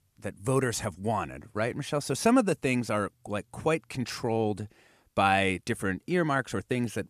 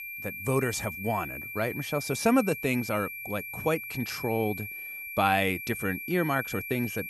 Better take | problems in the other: first | high-pitched whine; loud; throughout; 2.5 kHz, 7 dB below the speech

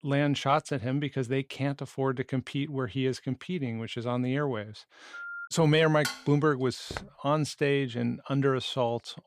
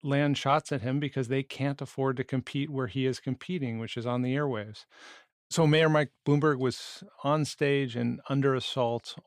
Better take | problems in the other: second | phone ringing; faint; at 5 s; peak 10 dB below the speech // clattering dishes; noticeable; at 6 s; peak 6 dB below the speech // footsteps; faint; at 7 s; peak 15 dB below the speech

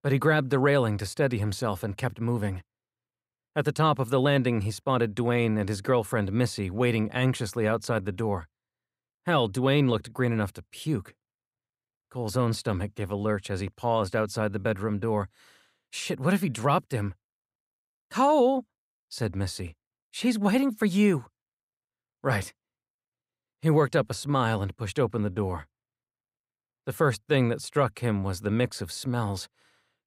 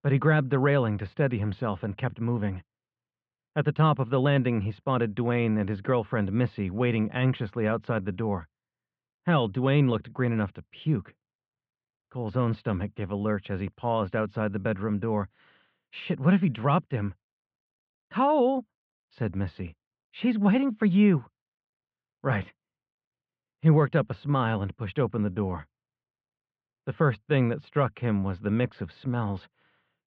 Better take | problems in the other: first | muffled; very; fading above 3 kHz

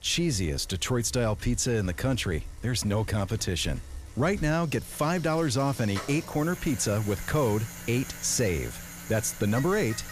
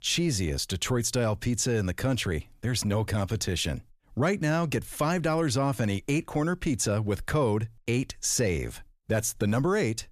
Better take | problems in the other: second | traffic noise; noticeable; throughout; 15 dB below the speech

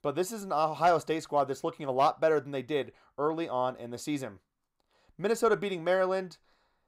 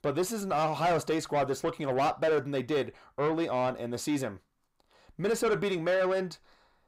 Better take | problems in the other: first | distortion; heavy; 8 dB below the speech

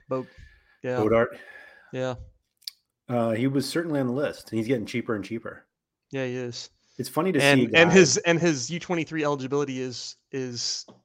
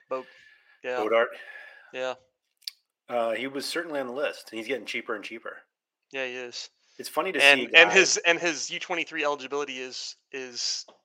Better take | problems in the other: first | thin; somewhat; fading below 450 Hz

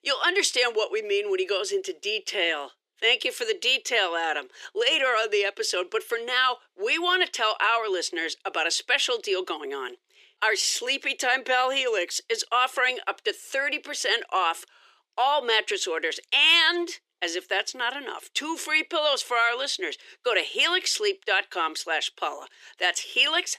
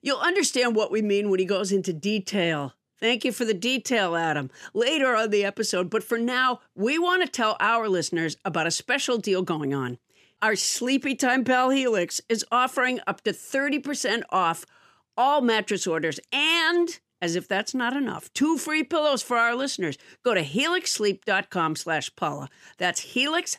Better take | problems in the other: second | thin; very; fading below 350 Hz

